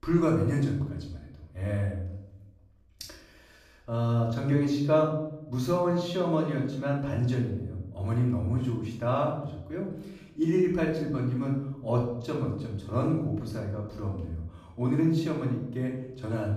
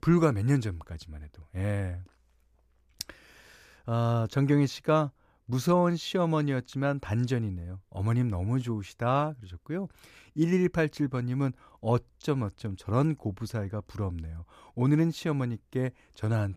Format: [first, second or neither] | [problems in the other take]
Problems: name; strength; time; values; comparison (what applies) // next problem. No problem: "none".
second | room echo; noticeable; dies away in 0.8 s // off-mic speech; far